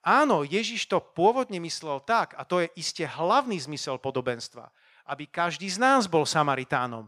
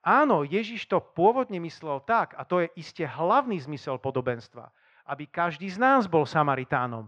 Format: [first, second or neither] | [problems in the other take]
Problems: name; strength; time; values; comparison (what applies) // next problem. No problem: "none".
first | muffled; slightly; fading above 2 kHz